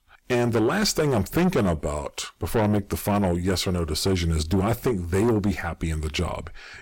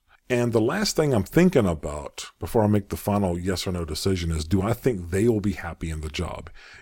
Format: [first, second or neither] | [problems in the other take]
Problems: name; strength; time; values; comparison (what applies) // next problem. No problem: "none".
second | distortion; heavy; 8 dB below the speech